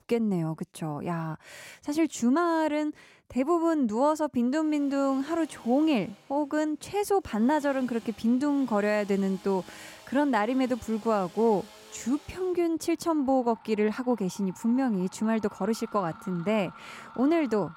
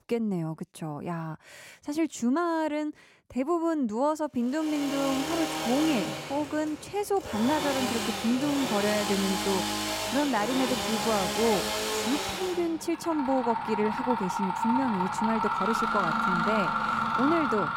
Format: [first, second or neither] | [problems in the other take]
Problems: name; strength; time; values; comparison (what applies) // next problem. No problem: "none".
first | machinery noise; loud; from 4.5 s on; as loud as the speech; faint in the first